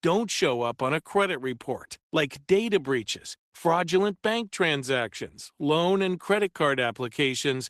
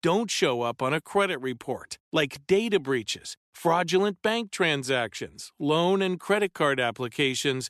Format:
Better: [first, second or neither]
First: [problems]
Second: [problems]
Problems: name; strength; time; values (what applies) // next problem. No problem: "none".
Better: second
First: garbled, watery; slightly; nothing above 13.5 kHz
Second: none